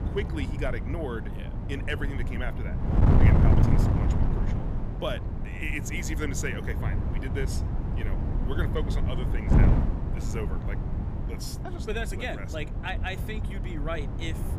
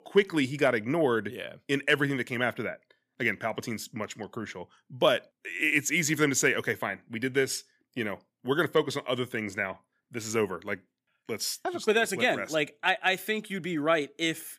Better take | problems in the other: second | wind noise on the microphone; heavy; 2 dB below the speech

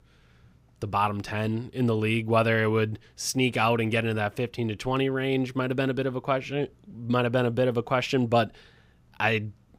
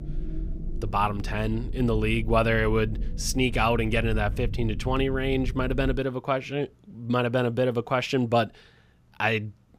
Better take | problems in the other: first | low rumble; faint; until 6 s; 20 dB below the speech

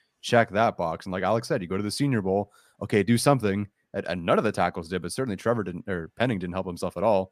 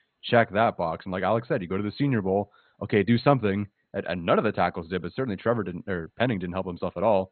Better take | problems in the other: first | garbled, watery; badly; nothing above 4 kHz

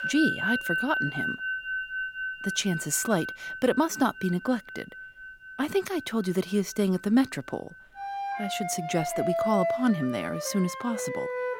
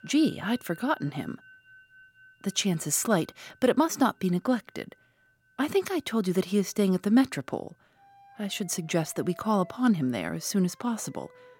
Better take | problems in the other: second | background music; loud; throughout; 4 dB below the speech; faint in the second

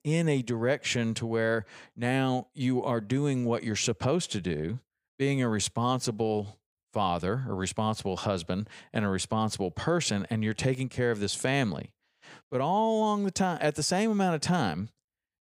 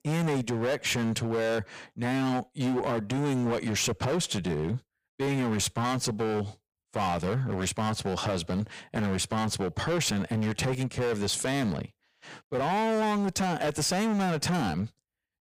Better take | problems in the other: first | distortion; heavy; 22% of the sound clipped

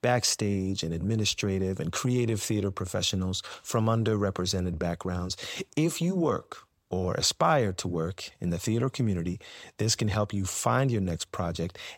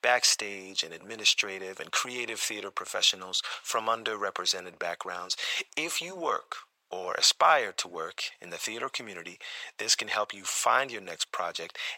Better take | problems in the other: first | thin; very; fading below 750 Hz

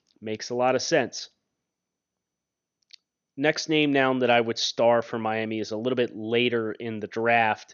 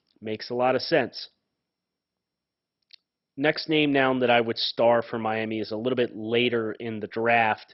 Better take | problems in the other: first | garbled, watery; badly; nothing above 5.5 kHz; slightly in the first

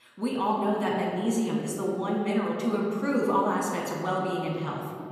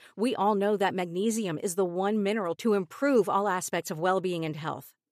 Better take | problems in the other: second | off-mic speech; somewhat distant // room echo; noticeable; dies away in 2.1 s

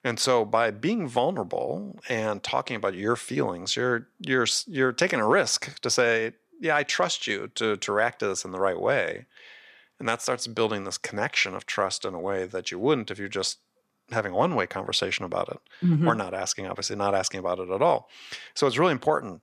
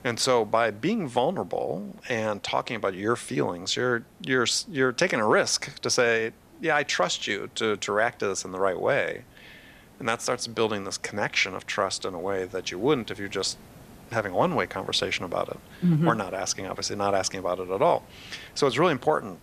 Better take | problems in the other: first | hiss; faint; throughout; 25 dB below the speech

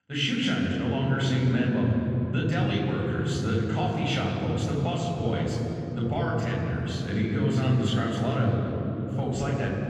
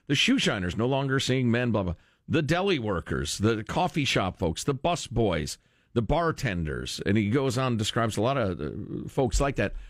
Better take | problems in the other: second | room echo; strong; dies away in 3 s // off-mic speech; far

